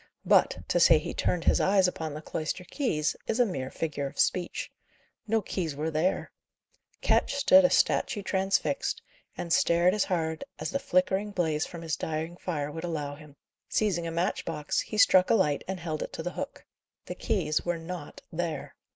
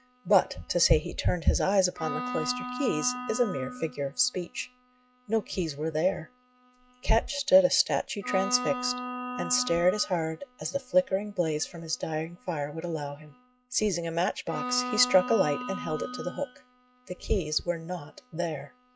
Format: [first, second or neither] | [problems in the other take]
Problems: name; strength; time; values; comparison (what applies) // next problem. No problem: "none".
first | noise reduction (classical method log-MMSE)